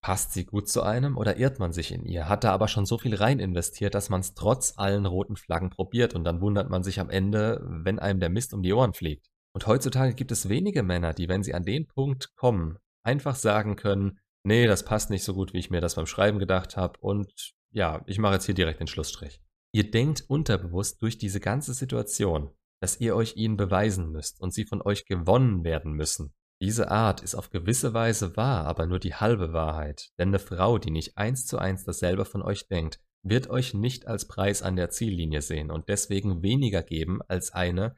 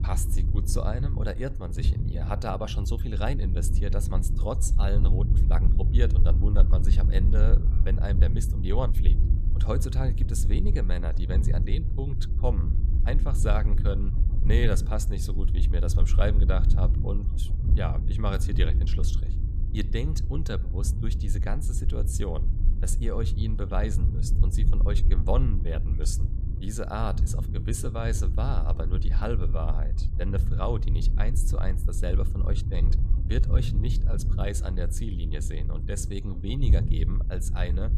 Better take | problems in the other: first | low rumble; loud; throughout; 7 dB below the speech

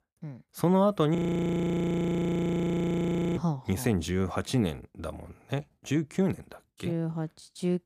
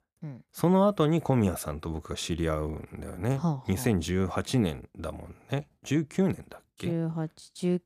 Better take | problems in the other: second | audio freezing; at 1 s for 2 s

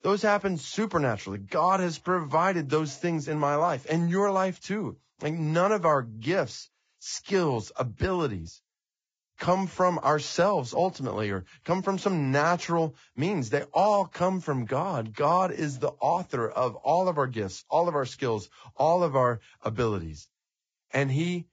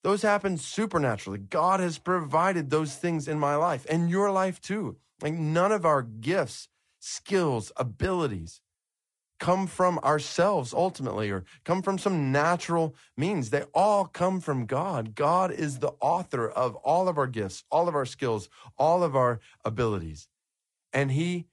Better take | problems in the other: second | garbled, watery; badly; nothing above 7.5 kHz; slightly in the second

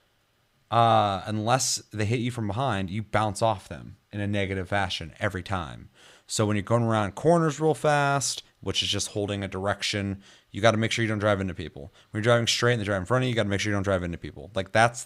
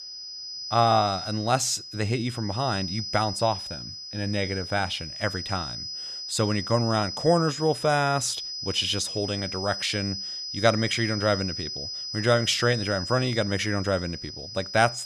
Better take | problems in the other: first | high-pitched whine; loud; throughout; 5 kHz, 7 dB below the speech

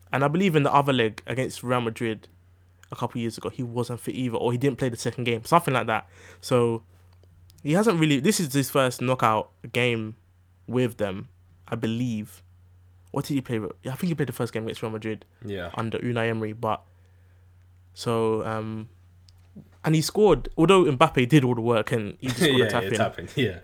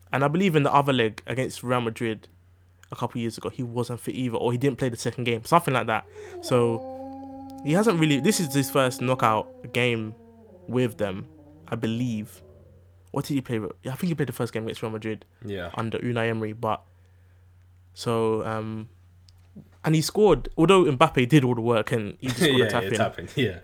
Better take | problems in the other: first | dog barking; faint; from 6 to 13 s; peak 10 dB below the speech

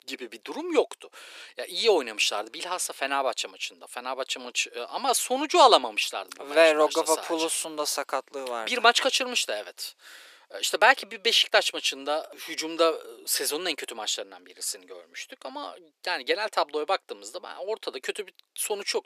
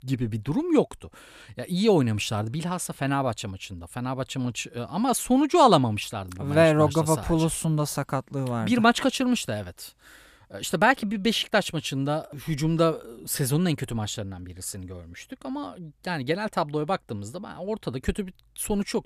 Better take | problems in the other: second | thin; very; fading below 400 Hz

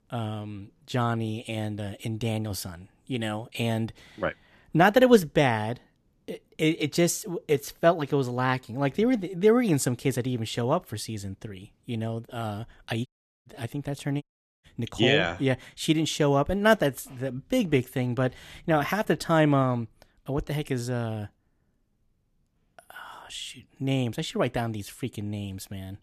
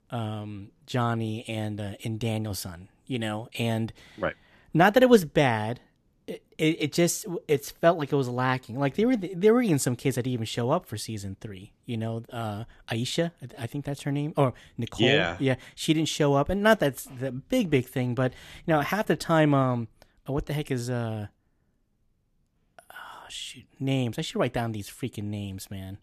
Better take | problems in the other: second | audio cutting out; at 13 s and at 14 s

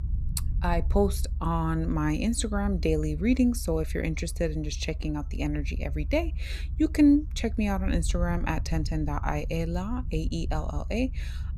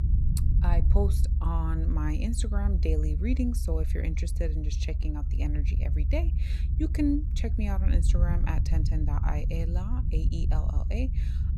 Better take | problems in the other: first | low rumble; loud; throughout; 8 dB below the speech; faint in the first

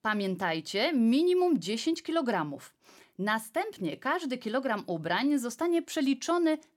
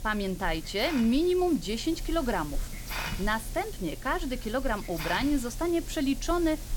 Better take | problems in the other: first | hiss; loud; throughout; 10 dB below the speech

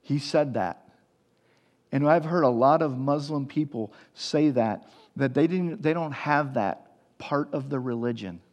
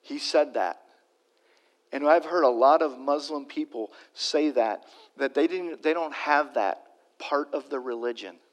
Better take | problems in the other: first | thin; somewhat; fading below 300 Hz

